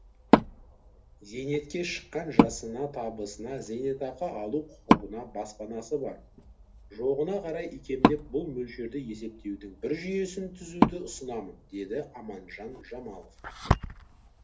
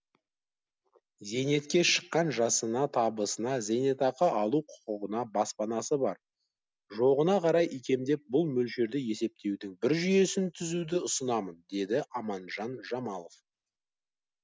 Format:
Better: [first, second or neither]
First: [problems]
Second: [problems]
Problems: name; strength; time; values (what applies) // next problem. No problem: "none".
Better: second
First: background sound (Wood); 4 dB above the speech // room echo; dies away in 0.3 s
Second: none